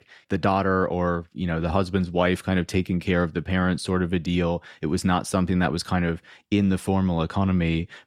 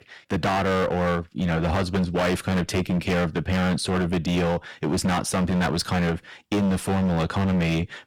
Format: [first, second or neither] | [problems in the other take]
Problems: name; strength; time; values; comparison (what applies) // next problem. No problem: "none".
first | distortion; heavy; 22% of the sound clipped